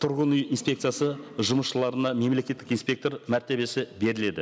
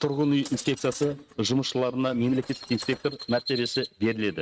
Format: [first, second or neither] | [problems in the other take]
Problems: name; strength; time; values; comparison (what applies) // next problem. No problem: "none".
first | noise reduction (neural mask model RNNoise)